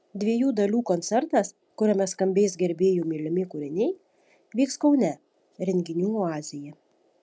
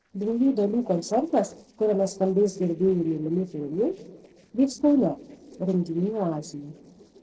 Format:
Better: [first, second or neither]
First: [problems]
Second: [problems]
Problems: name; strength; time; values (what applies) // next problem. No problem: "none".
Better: first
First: none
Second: noise reduction (neural separator model SepFormer DNS4)